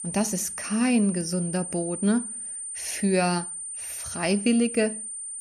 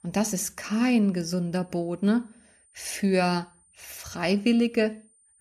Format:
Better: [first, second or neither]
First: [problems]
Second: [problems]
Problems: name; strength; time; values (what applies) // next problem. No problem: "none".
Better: second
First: high-pitched whine; loud; throughout; 9 kHz, 7 dB below the speech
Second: high-pitched whine; faint; throughout; 9 kHz, 35 dB below the speech